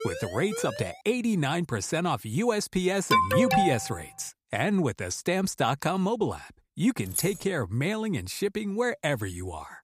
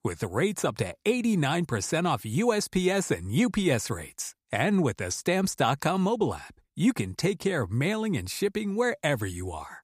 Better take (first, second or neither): second